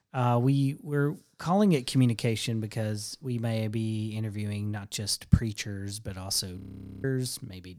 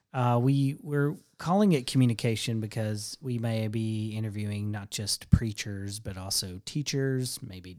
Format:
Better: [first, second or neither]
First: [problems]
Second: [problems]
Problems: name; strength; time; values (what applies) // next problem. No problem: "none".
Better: second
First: audio freezing; at 6.5 s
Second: none